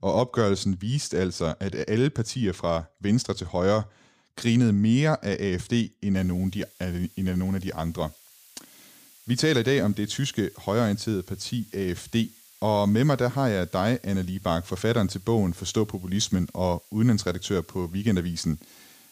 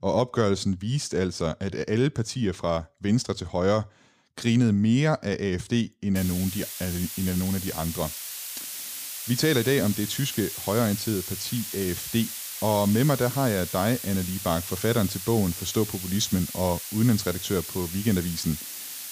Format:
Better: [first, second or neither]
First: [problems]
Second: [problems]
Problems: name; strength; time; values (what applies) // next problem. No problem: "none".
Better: first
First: hiss; faint; from 6 s on; 25 dB below the speech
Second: hiss; loud; from 6 s on; 7 dB below the speech